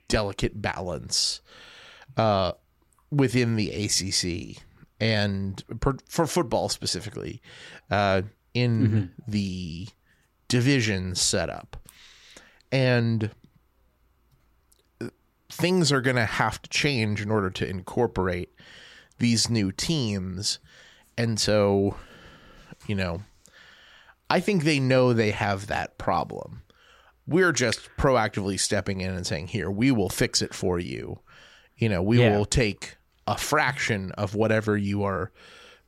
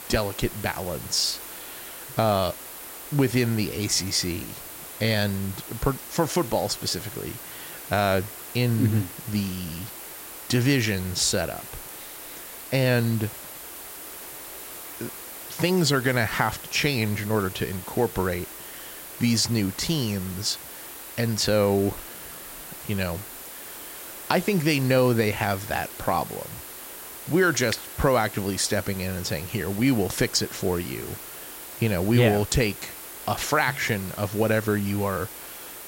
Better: first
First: none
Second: hiss; noticeable; throughout; 10 dB below the speech

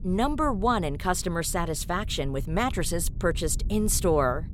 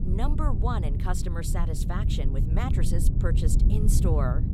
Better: first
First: low rumble; faint; throughout; 25 dB below the speech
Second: low rumble; loud; throughout; 5 dB below the speech

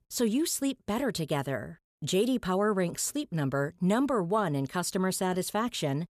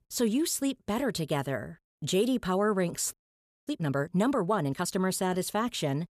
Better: first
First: none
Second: audio freezing; at 3 s for 0.5 s

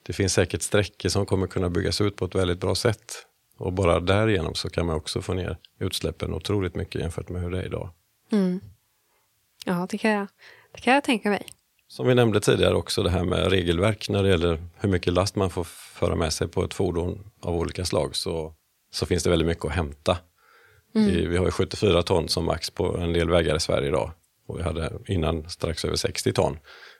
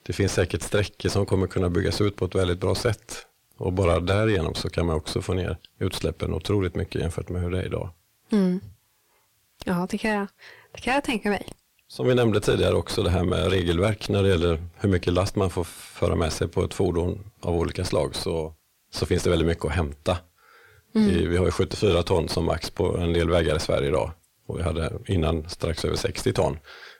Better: first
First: none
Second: distortion; slight; 8 dB below the speech

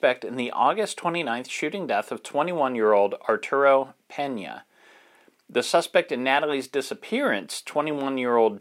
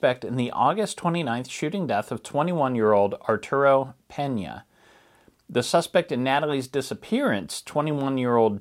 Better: second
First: thin; very slightly; fading below 300 Hz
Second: none

